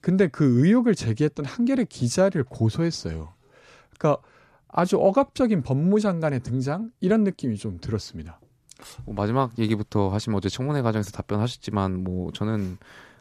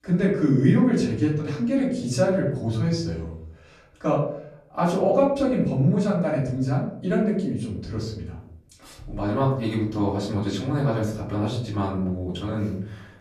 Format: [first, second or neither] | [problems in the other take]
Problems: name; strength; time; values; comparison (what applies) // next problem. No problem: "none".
first | off-mic speech; far // room echo; noticeable; dies away in 0.6 s